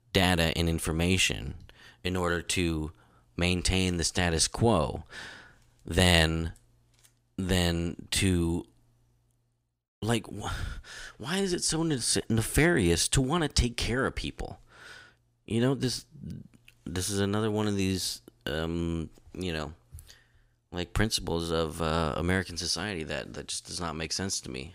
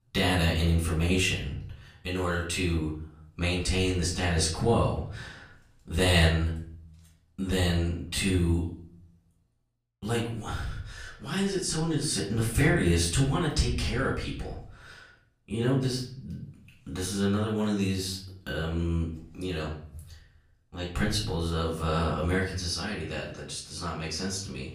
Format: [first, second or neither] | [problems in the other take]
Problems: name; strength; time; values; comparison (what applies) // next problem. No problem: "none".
first | off-mic speech; far // room echo; slight; dies away in 0.5 s